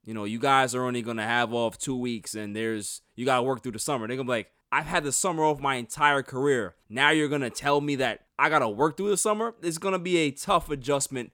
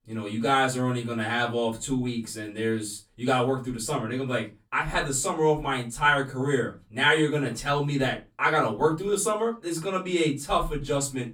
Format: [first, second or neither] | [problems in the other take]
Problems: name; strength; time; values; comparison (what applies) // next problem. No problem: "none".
first | off-mic speech; far // room echo; very slight; dies away in 0.2 s